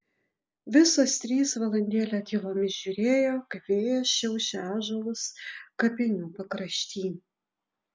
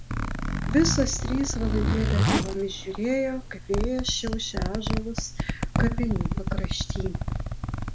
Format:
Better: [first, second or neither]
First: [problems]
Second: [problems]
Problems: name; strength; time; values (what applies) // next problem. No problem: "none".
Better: first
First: none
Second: background sound (Zipper (clothing)); 2 dB above the speech